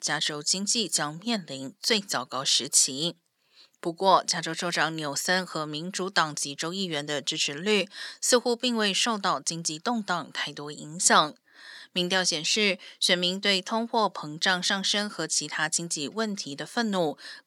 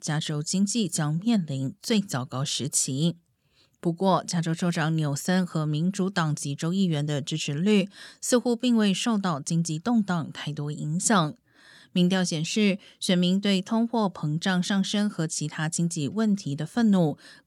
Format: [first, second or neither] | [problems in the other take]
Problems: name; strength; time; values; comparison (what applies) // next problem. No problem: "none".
second | thin; somewhat; fading below 400 Hz